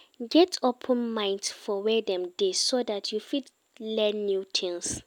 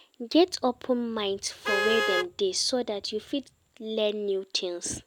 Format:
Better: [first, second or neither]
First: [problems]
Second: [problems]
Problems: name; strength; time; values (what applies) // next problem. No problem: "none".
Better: first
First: none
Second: background sound (Vehicle horn, car horn, honking); 6 dB below the speech